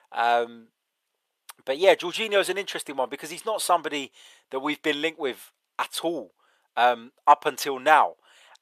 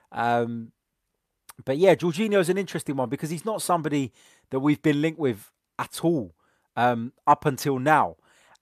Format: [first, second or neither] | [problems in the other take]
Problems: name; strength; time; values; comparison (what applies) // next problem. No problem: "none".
second | thin; somewhat; fading below 600 Hz